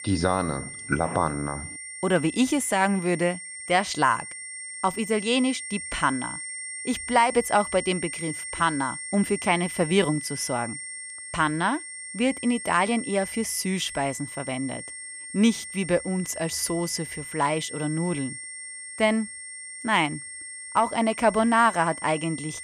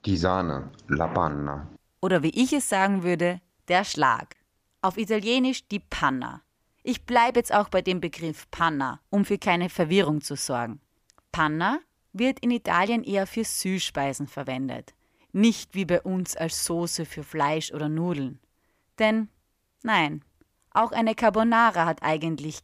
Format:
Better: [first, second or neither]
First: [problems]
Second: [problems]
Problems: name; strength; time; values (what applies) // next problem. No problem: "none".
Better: second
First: high-pitched whine; loud; throughout; 2 kHz, 9 dB below the speech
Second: none